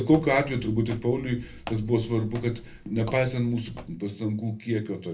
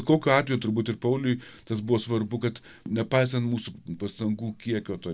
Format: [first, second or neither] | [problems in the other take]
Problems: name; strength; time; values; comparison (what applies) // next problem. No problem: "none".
second | background sound (Walk, footsteps); 16 dB below the speech // room echo; dies away in 0.3 s